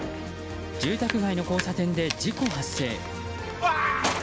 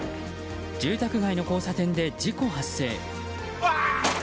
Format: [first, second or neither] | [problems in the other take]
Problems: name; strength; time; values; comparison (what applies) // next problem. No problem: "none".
second | background sound (Chewing, mastication); 11 dB below the speech